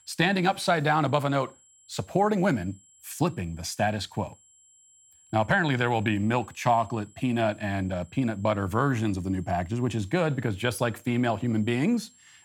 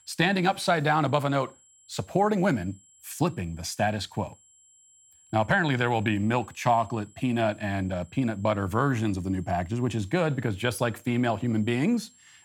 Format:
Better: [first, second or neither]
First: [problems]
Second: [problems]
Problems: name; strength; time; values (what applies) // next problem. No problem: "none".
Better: neither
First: high-pitched whine; faint; throughout; 7.5 kHz, 30 dB below the speech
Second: high-pitched whine; faint; throughout; 7.5 kHz, 30 dB below the speech